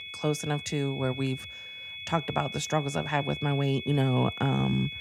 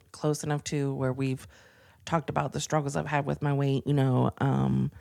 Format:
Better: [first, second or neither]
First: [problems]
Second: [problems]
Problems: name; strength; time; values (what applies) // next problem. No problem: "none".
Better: second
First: high-pitched whine; loud; throughout; 3.5 kHz, 9 dB below the speech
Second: none